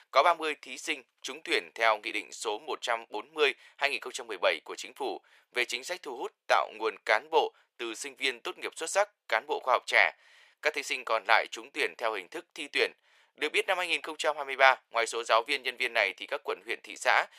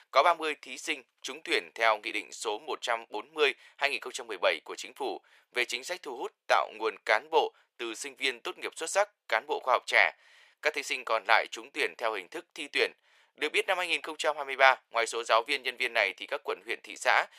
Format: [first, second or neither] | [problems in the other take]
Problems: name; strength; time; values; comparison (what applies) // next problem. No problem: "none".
neither | thin; very; fading below 500 Hz; the same in both